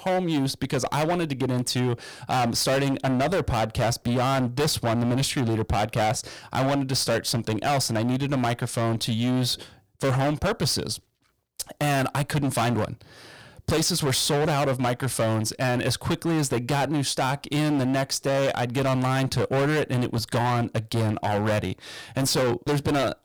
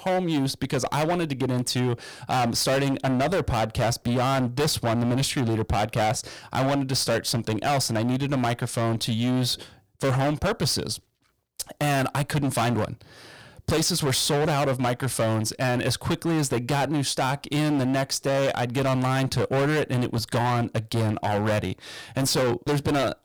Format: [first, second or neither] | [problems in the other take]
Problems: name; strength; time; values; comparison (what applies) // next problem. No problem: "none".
neither | distortion; heavy; 23% of the sound clipped; the same in both